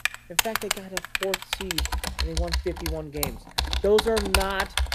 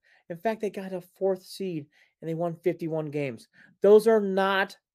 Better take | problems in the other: second | household noises; very loud; throughout; 1 dB above the speech

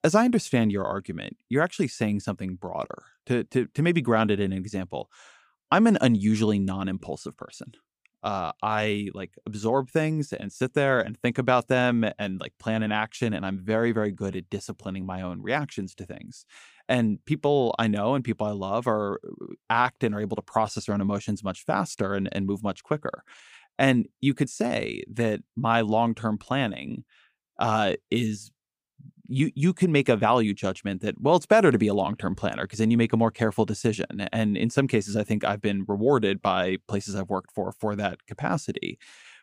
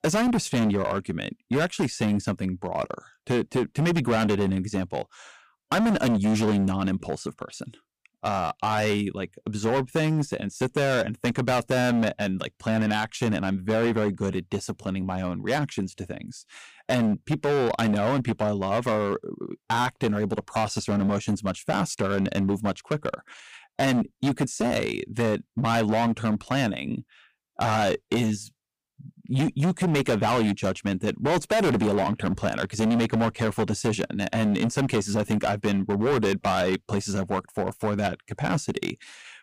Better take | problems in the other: first | distortion; heavy; 15% of the sound clipped

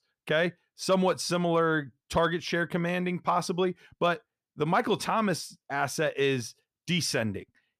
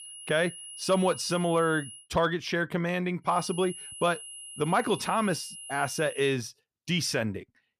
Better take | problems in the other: first | high-pitched whine; noticeable; until 2 s and from 3.5 to 6.5 s; 10.5 kHz, 10 dB below the speech

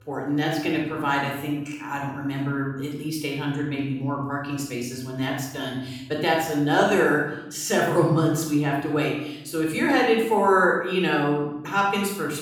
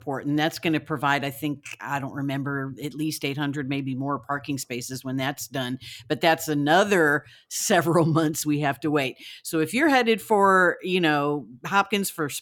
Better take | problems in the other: second | off-mic speech; somewhat distant // room echo; noticeable; dies away in 0.7 s

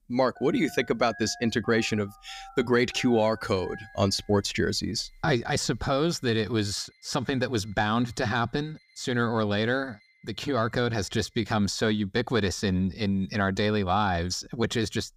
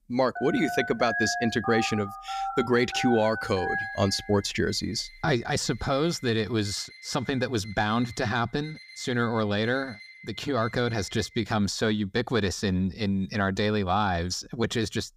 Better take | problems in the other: first | alarms or sirens; loud; until 11 s; 9 dB below the speech; faint in the first

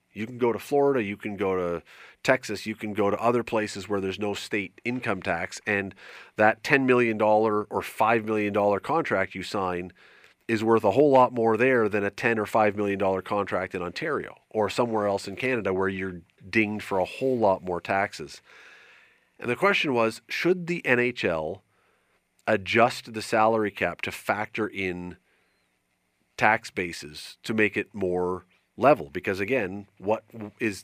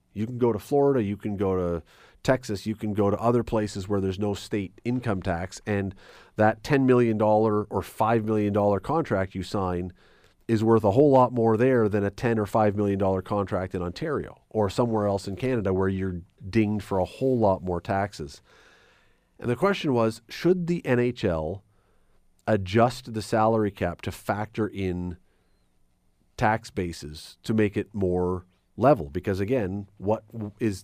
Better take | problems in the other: second | thin; very slightly; fading below 650 Hz

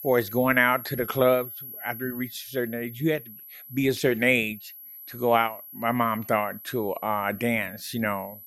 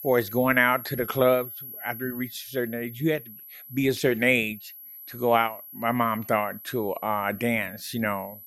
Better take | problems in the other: neither | high-pitched whine; noticeable; throughout; 11.5 kHz, 15 dB below the speech; the same in both

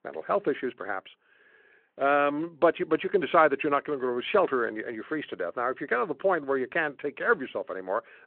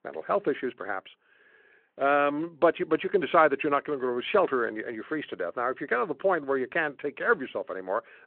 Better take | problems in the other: neither | phone-call audio; the same in both

